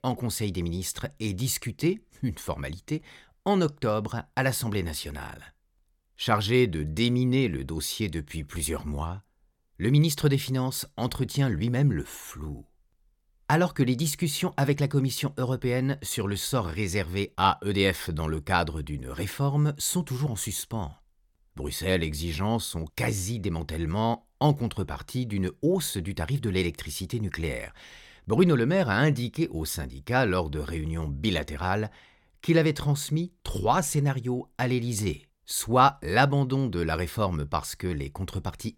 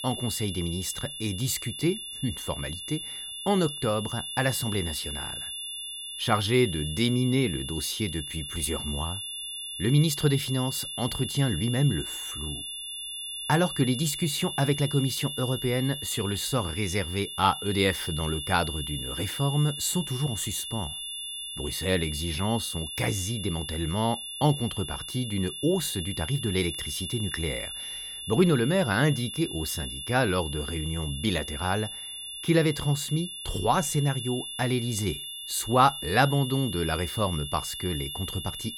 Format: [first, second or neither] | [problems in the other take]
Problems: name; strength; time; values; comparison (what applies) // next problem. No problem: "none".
first | high-pitched whine; loud; throughout; 3.5 kHz, 6 dB below the speech